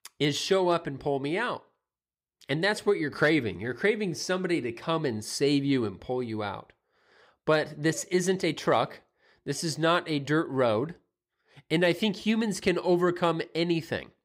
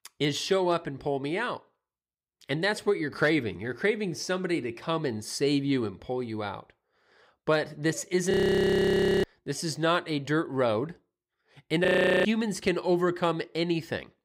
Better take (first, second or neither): first